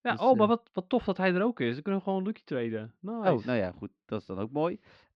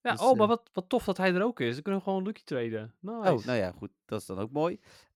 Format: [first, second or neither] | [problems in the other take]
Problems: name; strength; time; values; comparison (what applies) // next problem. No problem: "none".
second | muffled; very slightly; fading above 4 kHz